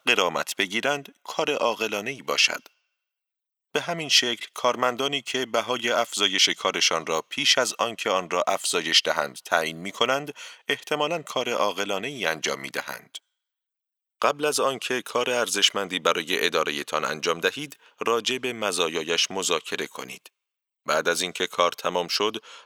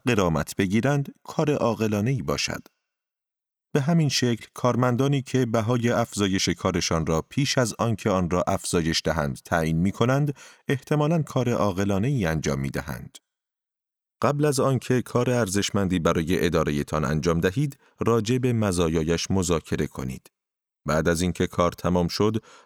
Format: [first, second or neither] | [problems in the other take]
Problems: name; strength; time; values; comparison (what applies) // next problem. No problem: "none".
second | thin; very; fading below 500 Hz